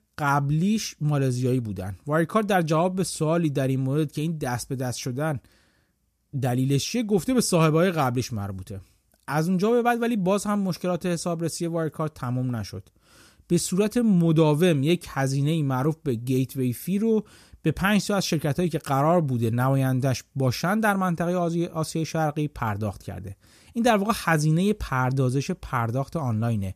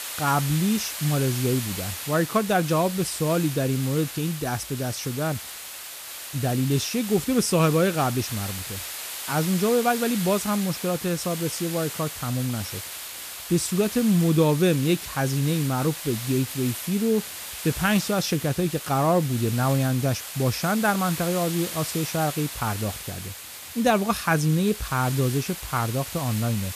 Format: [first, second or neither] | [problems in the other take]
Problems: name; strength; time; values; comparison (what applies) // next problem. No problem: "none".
first | hiss; loud; throughout; 8 dB below the speech